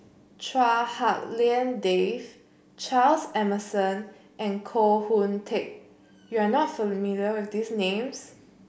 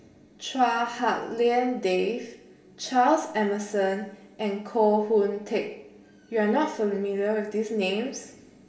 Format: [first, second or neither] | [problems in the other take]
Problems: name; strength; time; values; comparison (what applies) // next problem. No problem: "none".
first | room echo; dies away in 0.9 s